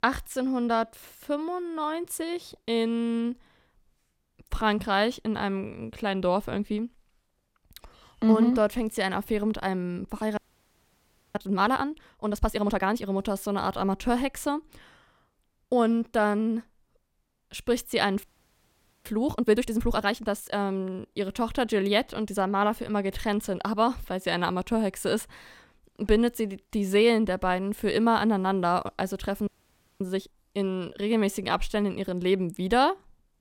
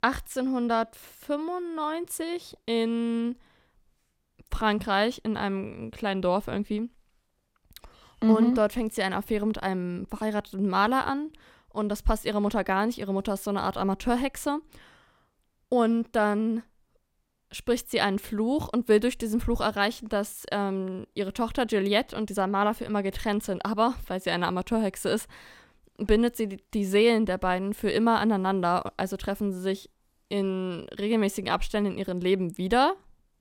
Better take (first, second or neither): second